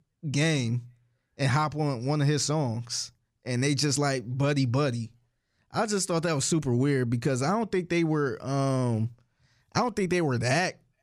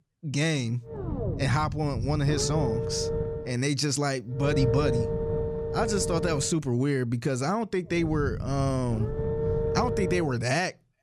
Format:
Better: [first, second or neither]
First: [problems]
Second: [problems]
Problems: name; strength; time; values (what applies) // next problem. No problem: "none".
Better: first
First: none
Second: low rumble; loud; from 1 to 3.5 s, from 4.5 to 6.5 s and from 8 to 10 s; 3 dB below the speech